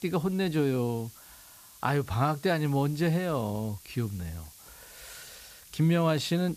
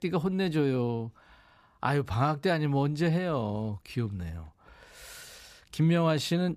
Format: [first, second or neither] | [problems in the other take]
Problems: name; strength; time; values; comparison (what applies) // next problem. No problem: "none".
second | hiss; faint; throughout; 20 dB below the speech